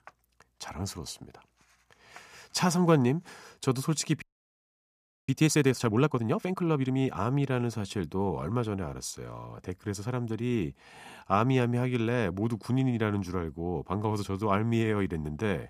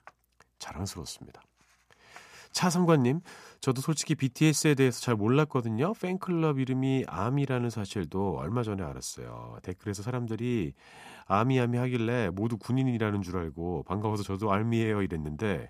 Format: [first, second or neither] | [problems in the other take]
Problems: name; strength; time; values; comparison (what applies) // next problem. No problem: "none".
second | audio freezing; at 4 s for 1 s